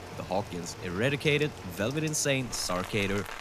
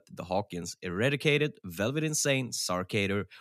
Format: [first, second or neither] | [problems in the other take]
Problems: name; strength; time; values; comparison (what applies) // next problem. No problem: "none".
second | rain or running water; noticeable; throughout; 10 dB below the speech